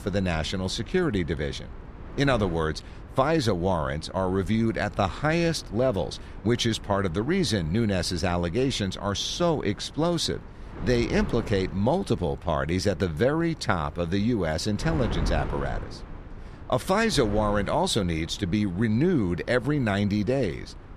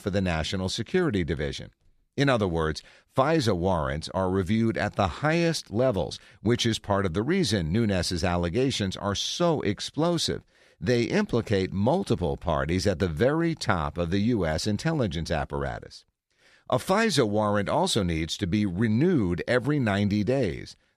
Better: second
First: wind noise on the microphone; occasional gusts; 20 dB below the speech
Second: none

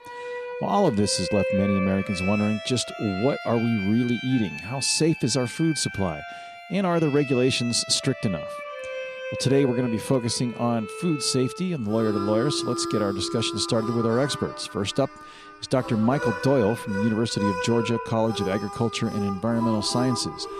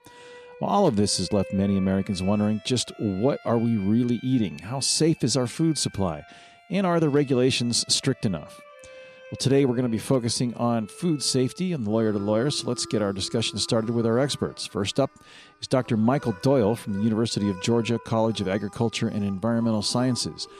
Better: second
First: background music; loud; throughout; 8 dB below the speech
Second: background music; faint; throughout; 20 dB below the speech

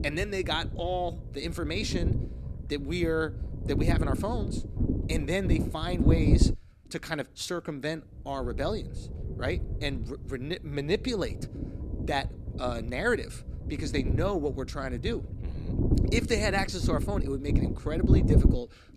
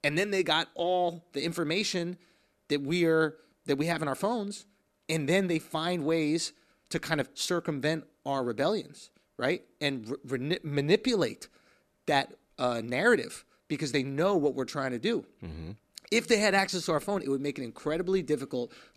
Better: second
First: low rumble; loud; throughout; 7 dB below the speech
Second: none

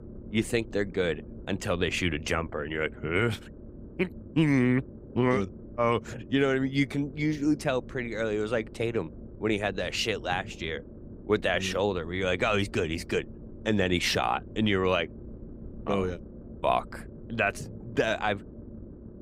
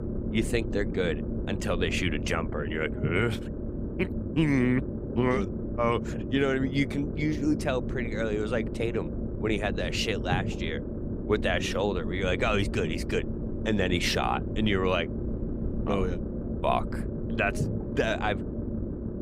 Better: first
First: low rumble; faint; throughout; 20 dB below the speech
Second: low rumble; loud; throughout; 9 dB below the speech

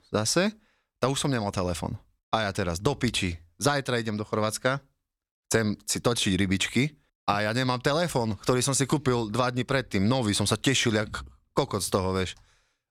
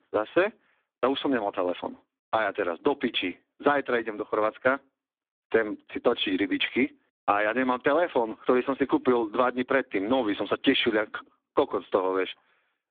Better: first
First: none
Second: phone-call audio; poor line; nothing above 3.5 kHz

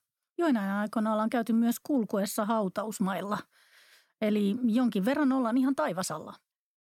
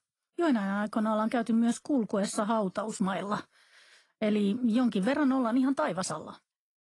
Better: first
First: none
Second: garbled, watery; slightly; nothing above 10 kHz

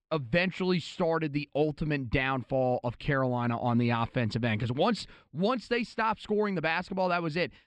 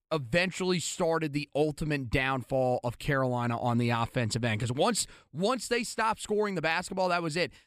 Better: second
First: muffled; very slightly; fading above 4 kHz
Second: none

